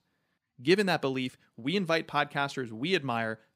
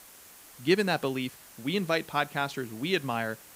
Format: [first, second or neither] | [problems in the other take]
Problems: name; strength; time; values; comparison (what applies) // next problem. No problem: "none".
first | hiss; noticeable; throughout; 20 dB below the speech